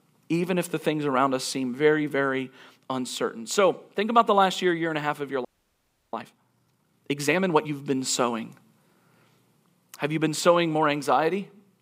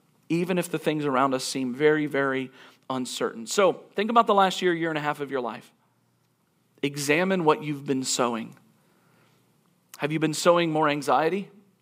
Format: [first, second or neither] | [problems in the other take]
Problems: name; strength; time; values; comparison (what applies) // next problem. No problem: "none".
second | audio freezing; at 5.5 s for 0.5 s